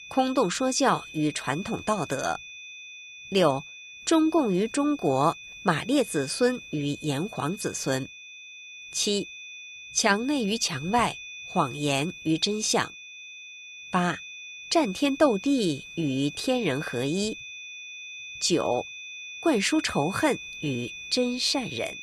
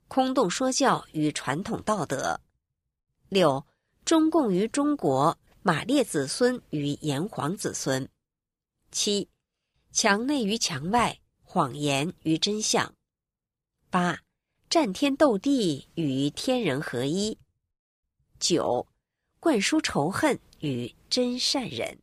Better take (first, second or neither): second